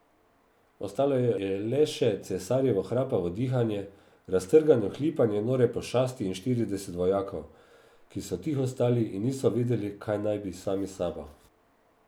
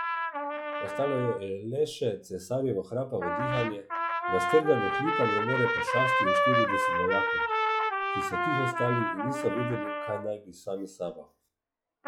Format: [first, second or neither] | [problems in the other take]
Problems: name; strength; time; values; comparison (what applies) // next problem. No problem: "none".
first | noise reduction (classical method log-MMSE)